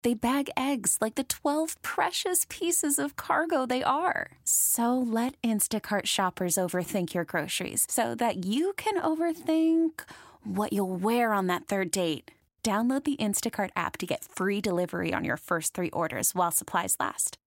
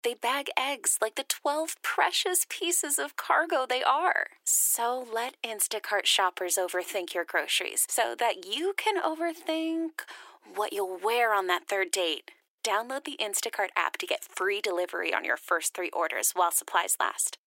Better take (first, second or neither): first